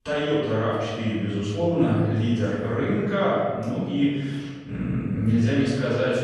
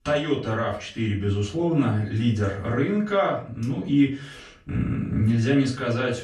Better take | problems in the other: second | room echo; strong; dies away in 1.5 s; slight in the second // off-mic speech; far; far in the second

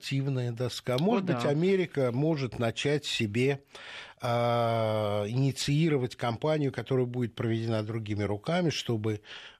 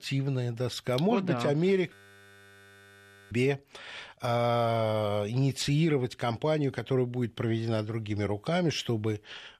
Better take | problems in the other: first | audio freezing; at 2 s for 1.5 s

